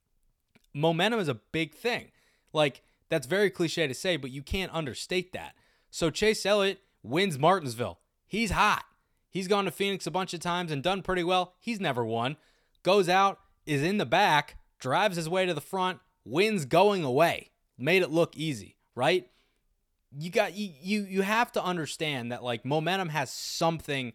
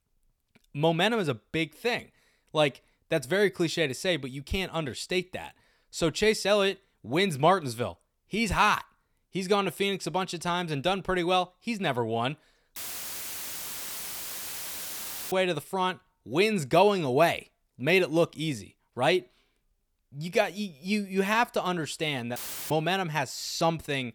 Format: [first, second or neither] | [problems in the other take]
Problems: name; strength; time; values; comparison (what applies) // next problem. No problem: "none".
first | audio cutting out; filled with static; at 13 s for 2.5 s and at 22 s